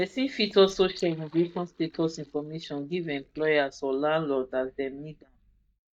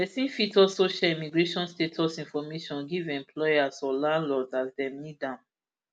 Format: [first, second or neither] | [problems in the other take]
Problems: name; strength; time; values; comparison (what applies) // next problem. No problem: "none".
second | noise reduction (neural mask model DeepFilterNet 3)